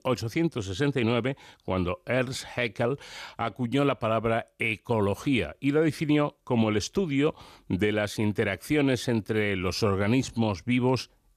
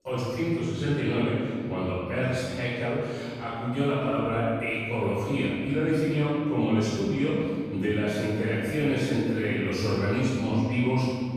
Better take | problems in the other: first | off-mic speech; far // room echo; strong; dies away in 1.9 s

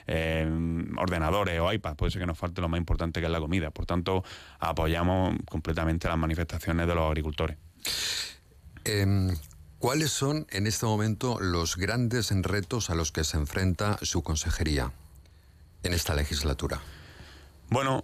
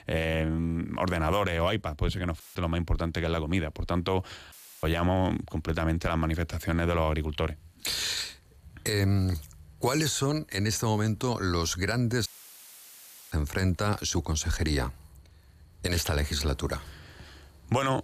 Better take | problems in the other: first | audio cutting out; filled with static; at 2.5 s, at 4.5 s and at 12 s for 1 s

